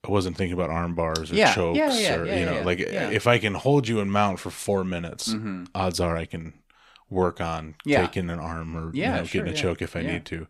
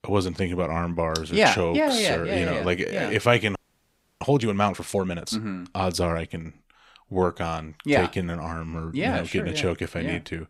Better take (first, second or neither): first